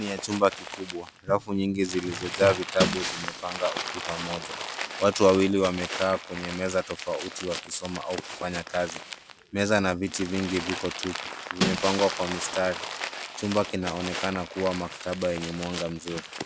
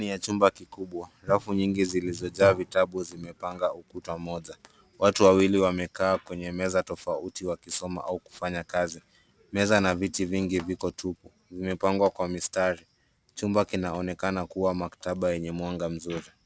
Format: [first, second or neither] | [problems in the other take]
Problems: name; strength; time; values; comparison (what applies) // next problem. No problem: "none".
second | background sound (Crumpling, crinkling + Shatter); 7 dB below the speech